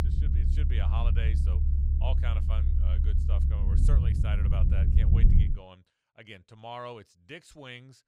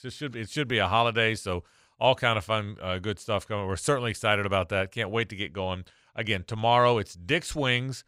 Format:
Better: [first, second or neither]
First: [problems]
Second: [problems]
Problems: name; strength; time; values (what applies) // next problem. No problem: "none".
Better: second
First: low rumble; loud; until 5.5 s; 1 dB below the speech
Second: none